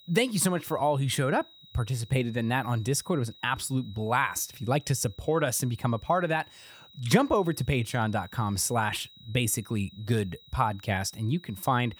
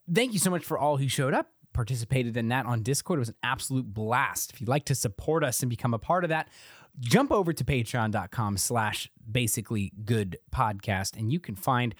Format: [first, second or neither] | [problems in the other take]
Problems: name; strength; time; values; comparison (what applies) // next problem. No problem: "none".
second | high-pitched whine; faint; throughout; 4 kHz, 25 dB below the speech